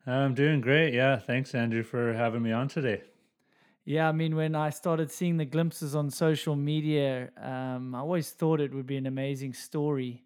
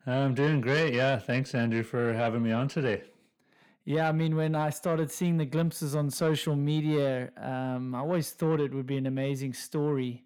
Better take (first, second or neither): first